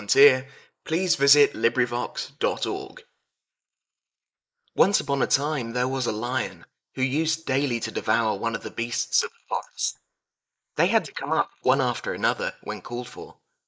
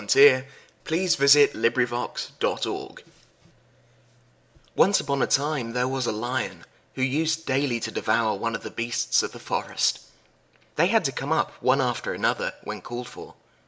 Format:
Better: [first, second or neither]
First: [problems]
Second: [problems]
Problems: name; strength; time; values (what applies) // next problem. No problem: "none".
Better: second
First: noise reduction (neural mask model Resemble Enhance denoiser)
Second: none